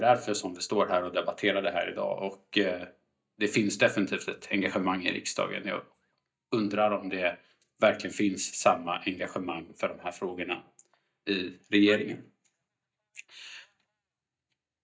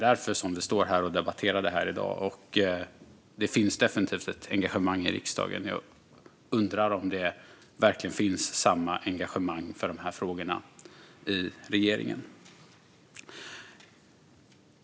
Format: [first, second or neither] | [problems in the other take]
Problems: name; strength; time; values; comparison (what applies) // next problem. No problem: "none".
second | noise reduction (neural mask model DeepFilterNet 3)